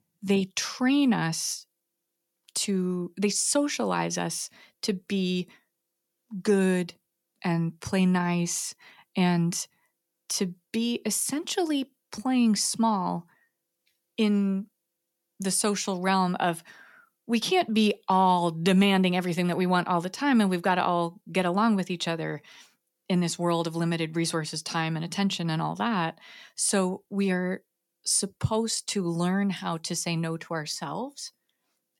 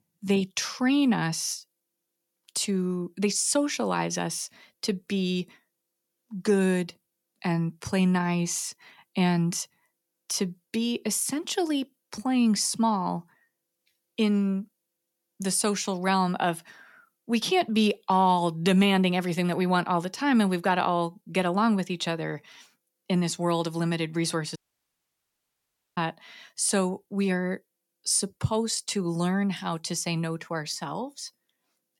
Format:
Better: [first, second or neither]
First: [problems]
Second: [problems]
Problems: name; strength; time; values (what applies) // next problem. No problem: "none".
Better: first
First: none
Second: audio cutting out; at 25 s for 1.5 s